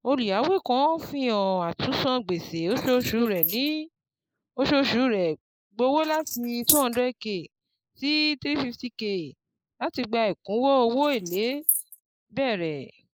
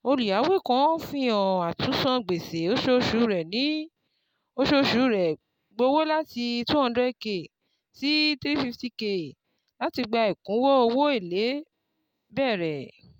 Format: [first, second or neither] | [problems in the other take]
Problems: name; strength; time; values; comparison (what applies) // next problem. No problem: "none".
second | noise reduction (neural mask model Resemble Enhance denoiser)